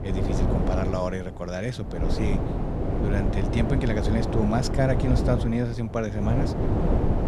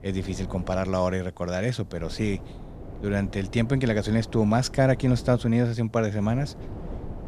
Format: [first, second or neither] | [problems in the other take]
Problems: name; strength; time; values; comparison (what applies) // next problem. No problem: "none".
second | wind noise on the microphone; heavy; 2 dB below the speech; occasional gusts in the second